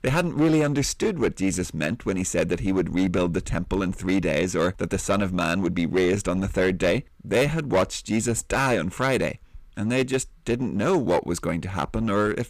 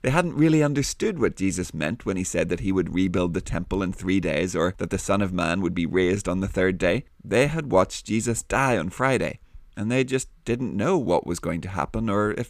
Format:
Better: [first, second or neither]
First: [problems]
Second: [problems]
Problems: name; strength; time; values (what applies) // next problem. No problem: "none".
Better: second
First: distortion; slight; 8% of the sound clipped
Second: none